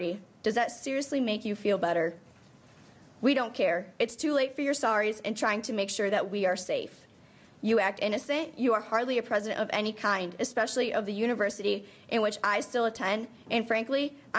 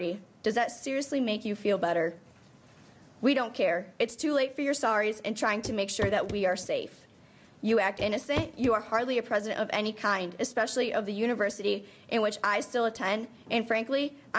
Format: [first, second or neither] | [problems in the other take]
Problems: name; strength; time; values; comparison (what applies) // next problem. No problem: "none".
first | background sound (Walk, footsteps / Run / Wood); 10 dB below the speech